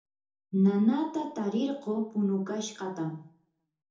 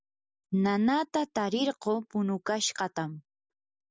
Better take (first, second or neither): second